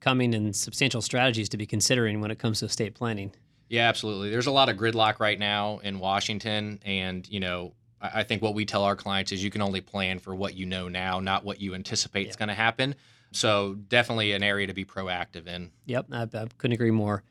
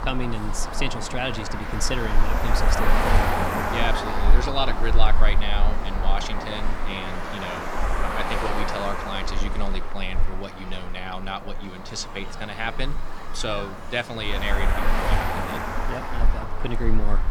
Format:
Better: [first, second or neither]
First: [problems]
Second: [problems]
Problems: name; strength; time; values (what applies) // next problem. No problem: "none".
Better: first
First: none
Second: traffic noise; very loud; throughout; 4 dB above the speech